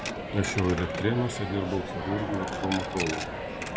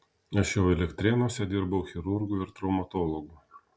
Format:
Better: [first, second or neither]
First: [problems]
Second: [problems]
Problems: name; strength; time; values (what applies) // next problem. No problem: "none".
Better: second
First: background sound (Coin (dropping)); 3 dB below the speech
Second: none